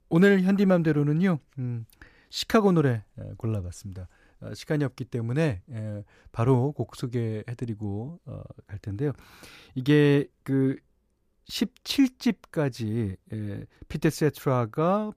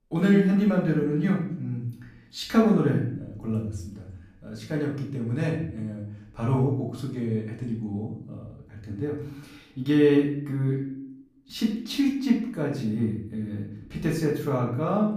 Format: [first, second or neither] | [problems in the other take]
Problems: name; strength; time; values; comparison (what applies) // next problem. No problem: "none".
first | room echo; noticeable; dies away in 0.6 s // off-mic speech; far